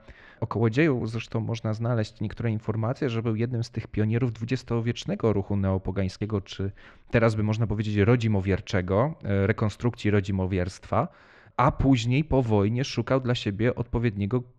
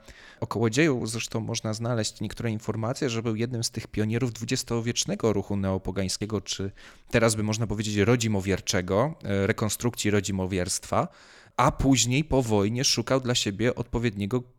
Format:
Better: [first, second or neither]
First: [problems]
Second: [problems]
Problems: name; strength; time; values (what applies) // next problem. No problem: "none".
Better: second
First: muffled; slightly; fading above 2.5 kHz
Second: none